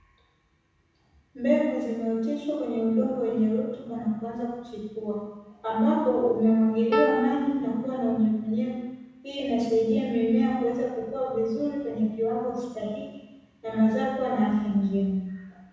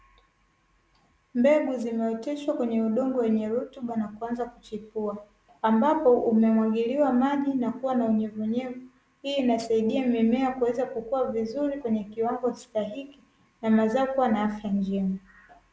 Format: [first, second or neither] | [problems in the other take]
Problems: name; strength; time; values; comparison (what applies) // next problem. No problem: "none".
second | background sound (Piano); 2 dB below the speech // room echo; dies away in 1.1 s